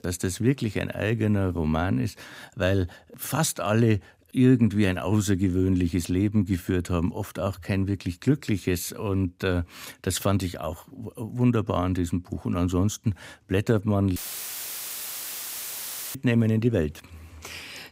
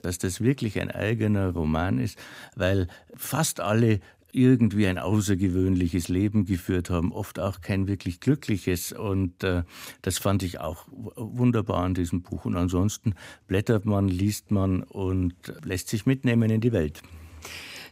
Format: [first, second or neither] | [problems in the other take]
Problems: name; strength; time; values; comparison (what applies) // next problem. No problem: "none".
second | audio cutting out; filled with static; at 14 s for 2 s